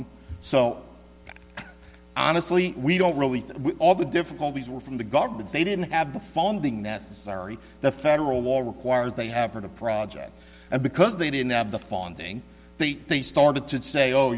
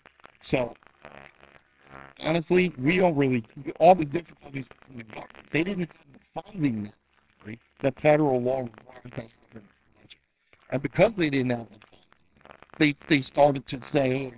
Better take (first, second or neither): first